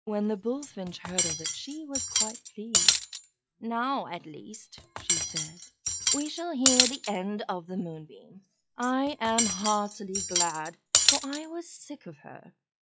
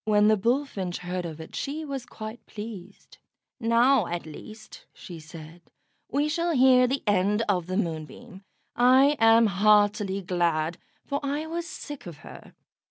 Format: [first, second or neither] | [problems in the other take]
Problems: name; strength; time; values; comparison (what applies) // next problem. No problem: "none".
second | noise reduction (classical method log-MMSE)